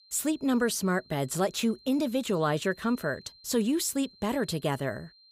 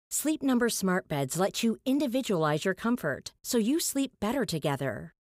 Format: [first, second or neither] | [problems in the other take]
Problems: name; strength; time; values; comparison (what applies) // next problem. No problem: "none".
second | high-pitched whine; faint; throughout; 4 kHz, 25 dB below the speech